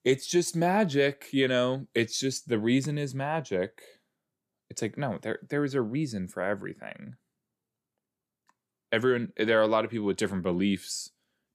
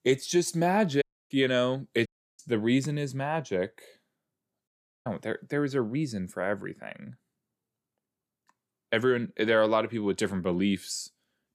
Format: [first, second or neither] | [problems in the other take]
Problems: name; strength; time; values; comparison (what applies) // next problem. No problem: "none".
first | audio cutting out; at 1 s, at 2 s and at 4.5 s